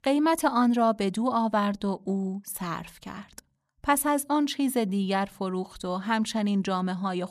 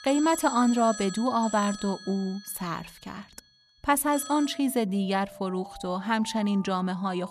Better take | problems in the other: first | alarms or sirens; noticeable; throughout; 15 dB below the speech

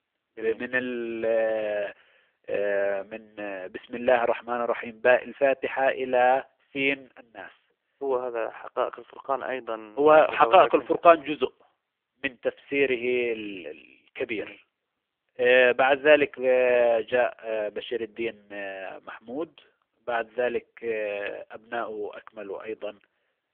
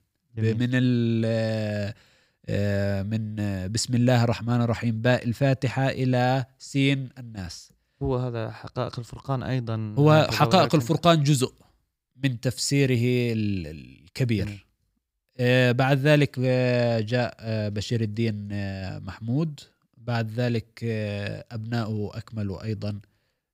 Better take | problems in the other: second | phone-call audio; poor line

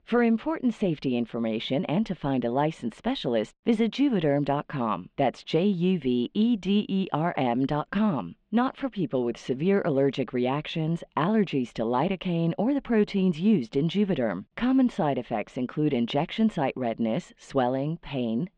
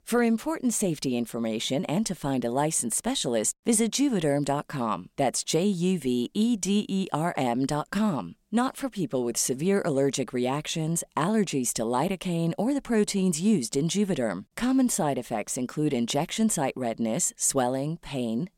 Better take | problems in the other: second | muffled; very; fading above 3 kHz

